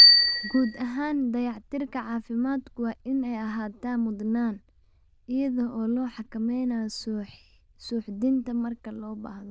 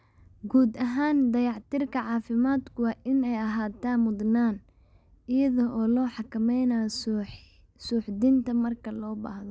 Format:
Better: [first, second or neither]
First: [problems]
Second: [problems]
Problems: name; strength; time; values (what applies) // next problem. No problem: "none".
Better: second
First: noise reduction (neural diffusion model UNIVERSE++)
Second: none